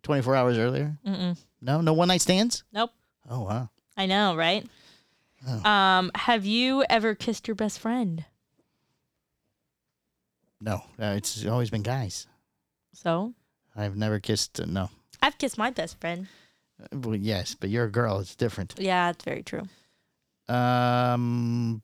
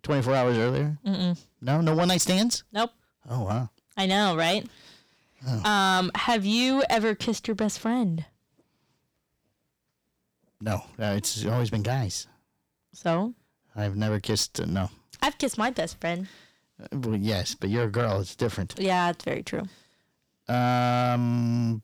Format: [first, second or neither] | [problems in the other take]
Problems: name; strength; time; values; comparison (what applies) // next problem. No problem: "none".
first | distortion; slight; 10 dB below the speech